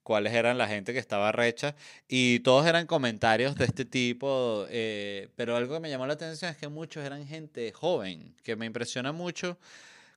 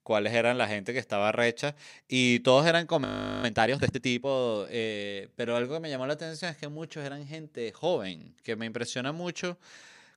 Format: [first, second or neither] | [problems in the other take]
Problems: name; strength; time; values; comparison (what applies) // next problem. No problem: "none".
first | audio freezing; at 3 s